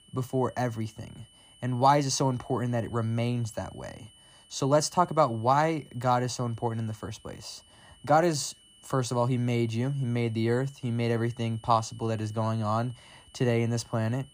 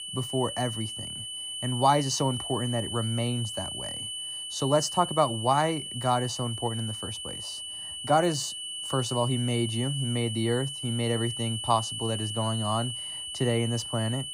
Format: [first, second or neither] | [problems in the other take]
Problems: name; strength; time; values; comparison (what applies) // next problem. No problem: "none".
first | high-pitched whine; loud; throughout; 3 kHz, 5 dB below the speech; faint in the first